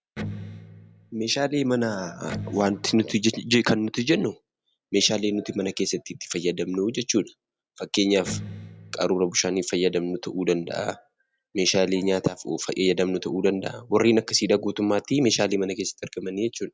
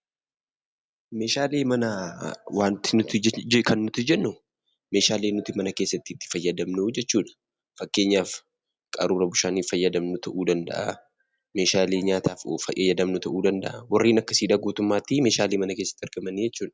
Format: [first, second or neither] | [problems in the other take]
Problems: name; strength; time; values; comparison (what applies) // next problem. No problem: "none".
second | background sound (Electric guitar); 11 dB below the speech